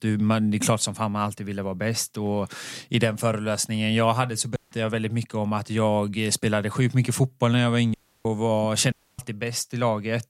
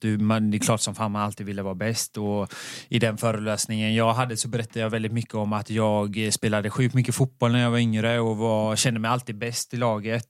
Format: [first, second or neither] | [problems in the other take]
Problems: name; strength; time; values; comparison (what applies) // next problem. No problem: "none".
second | audio cutting out; at 4.5 s, at 8 s and at 9 s